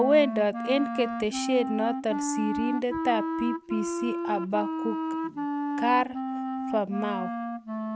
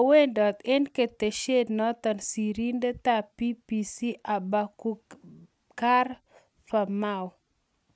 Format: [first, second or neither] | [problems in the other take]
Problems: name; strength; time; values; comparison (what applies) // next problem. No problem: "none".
second | background sound (Wind instrument, woodwind instrument); 3 dB below the speech